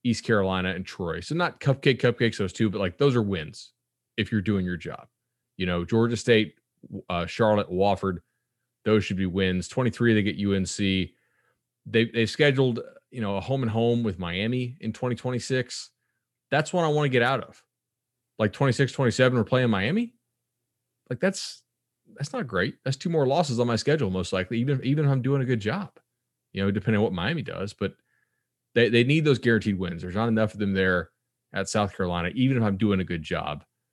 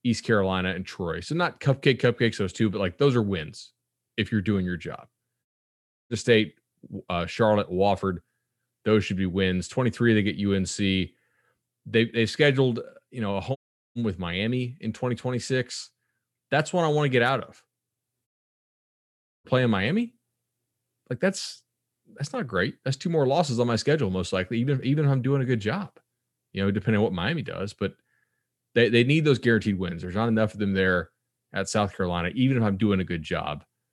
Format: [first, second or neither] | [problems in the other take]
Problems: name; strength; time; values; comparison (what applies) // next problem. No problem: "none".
first | audio cutting out; at 5.5 s for 0.5 s, at 14 s and at 18 s for 1 s